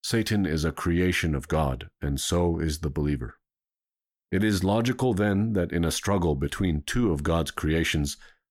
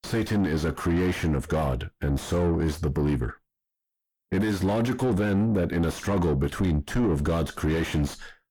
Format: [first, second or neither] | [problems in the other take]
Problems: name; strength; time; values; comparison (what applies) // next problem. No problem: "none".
first | distortion; heavy; 7 dB below the speech